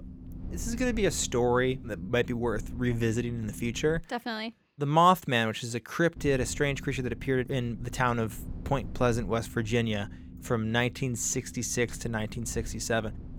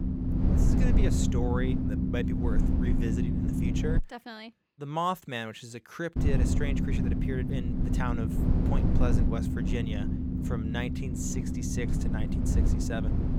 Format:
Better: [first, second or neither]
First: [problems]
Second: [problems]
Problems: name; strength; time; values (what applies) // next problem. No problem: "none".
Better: first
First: low rumble; faint; until 4 s and from 6 s on; 25 dB below the speech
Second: low rumble; loud; until 4 s and from 6 s on; as loud as the speech